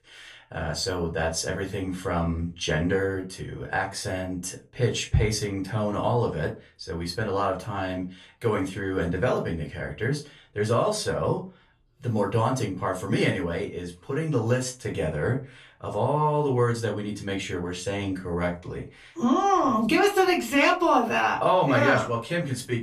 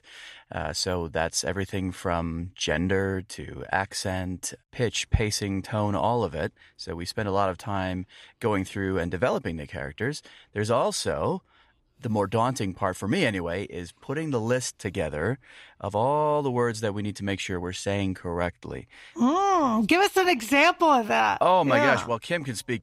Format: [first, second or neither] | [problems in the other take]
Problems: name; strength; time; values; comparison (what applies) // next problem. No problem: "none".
second | off-mic speech; far // room echo; very slight; dies away in 0.2 s